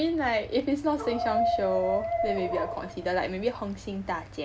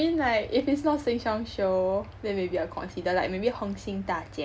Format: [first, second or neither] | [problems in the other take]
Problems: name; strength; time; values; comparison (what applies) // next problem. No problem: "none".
second | background sound (Dog); 3 dB below the speech